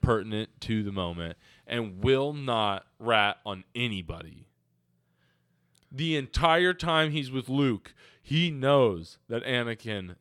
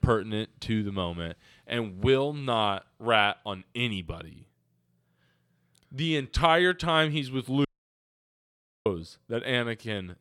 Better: first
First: none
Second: audio cutting out; at 7.5 s for 1 s

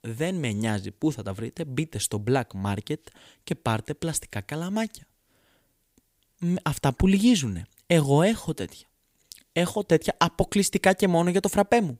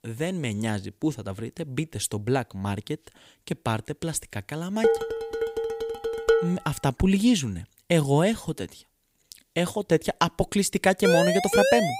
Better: first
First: none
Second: clattering dishes; loud; from 5 to 6.5 s; peak 3 dB above the speech // siren; loud; at 11 s; peak 4 dB above the speech

